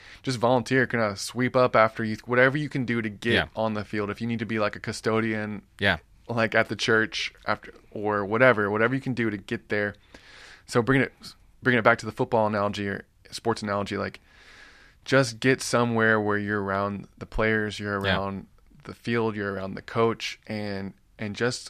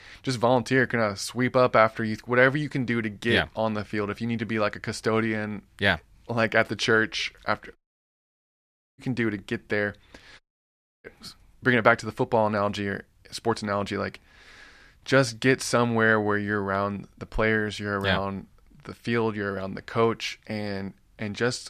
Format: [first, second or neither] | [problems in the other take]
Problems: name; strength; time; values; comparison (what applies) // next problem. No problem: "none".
first | audio cutting out; at 8 s for 1 s and at 10 s for 0.5 s